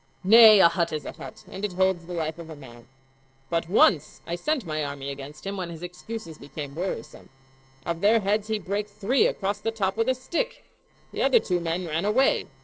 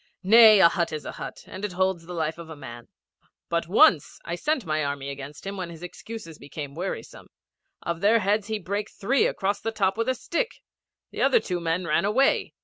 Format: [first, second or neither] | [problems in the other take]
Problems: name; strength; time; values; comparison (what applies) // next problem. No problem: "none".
second | noise reduction (neural separator model SepFormer DNS4)